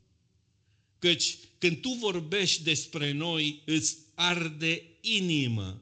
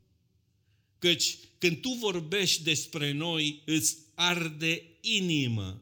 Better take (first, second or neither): second